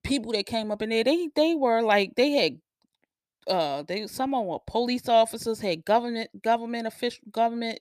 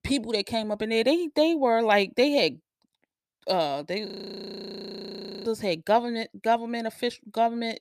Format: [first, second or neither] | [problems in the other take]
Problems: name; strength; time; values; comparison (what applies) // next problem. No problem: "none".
first | audio freezing; at 4 s for 1.5 s